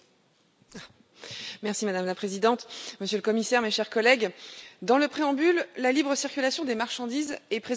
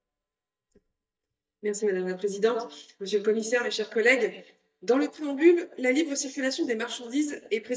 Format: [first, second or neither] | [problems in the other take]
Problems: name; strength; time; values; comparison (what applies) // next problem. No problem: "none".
first | noise reduction (neural mask model DeepFilterNet 3)